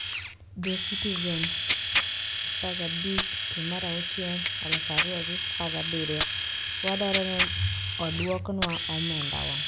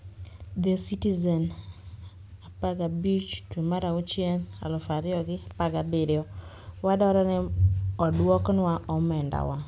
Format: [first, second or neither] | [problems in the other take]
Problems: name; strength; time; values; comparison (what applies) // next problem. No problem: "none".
second | background sound (Tearing + Domestic sounds, home sounds); 3 dB above the speech